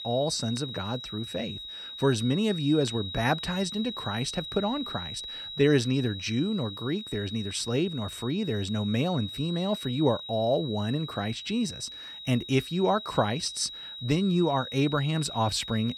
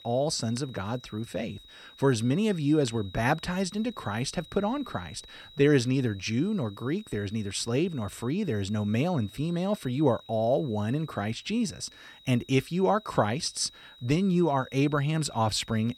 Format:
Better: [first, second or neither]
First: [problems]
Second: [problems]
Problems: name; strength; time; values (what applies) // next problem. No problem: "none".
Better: second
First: high-pitched whine; loud; throughout; 4 kHz, 9 dB below the speech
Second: high-pitched whine; faint; throughout; 4 kHz, 20 dB below the speech